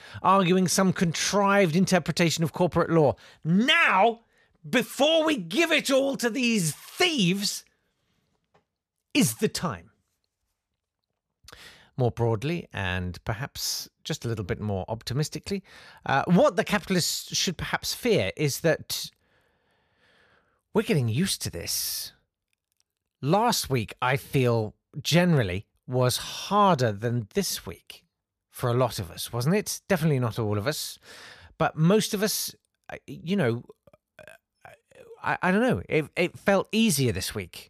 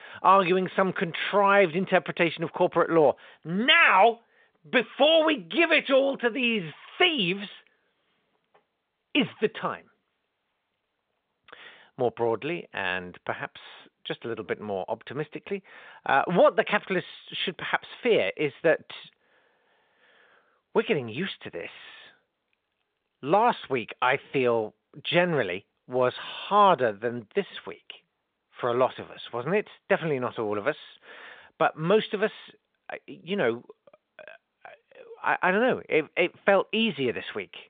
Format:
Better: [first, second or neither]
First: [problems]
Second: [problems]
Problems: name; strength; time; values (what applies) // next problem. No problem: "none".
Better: first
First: none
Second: phone-call audio